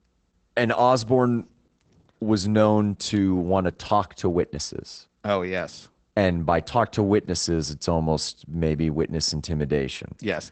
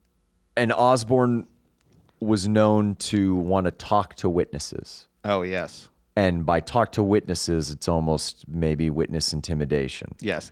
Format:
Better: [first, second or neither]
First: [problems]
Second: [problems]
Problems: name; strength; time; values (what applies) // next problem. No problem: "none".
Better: second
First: garbled, watery; badly; nothing above 8 kHz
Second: garbled, watery; slightly; nothing above 17.5 kHz